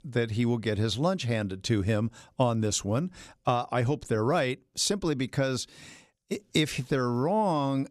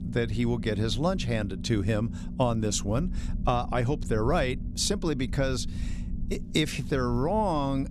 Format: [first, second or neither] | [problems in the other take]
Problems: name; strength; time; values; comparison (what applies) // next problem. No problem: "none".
first | low rumble; noticeable; throughout; 15 dB below the speech